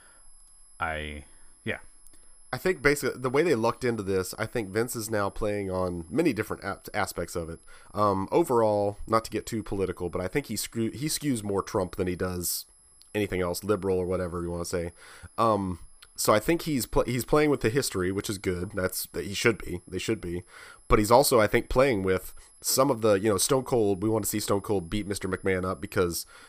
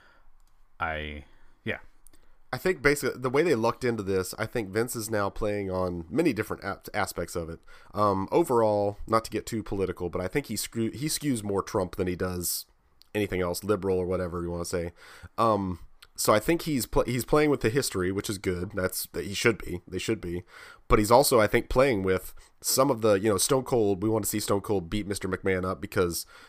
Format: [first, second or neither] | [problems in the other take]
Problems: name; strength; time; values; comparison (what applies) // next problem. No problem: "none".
second | high-pitched whine; faint; throughout; 11 kHz, 30 dB below the speech